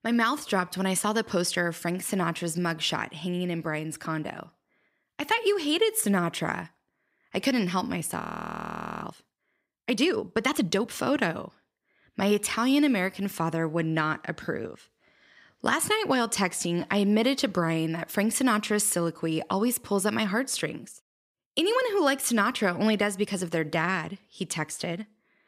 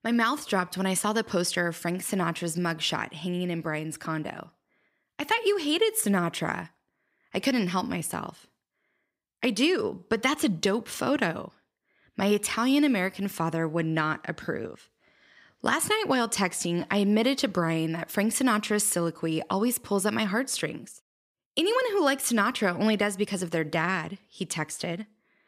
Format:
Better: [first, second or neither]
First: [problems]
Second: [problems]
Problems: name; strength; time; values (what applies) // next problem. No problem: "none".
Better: second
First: audio freezing; at 8 s for 1 s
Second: none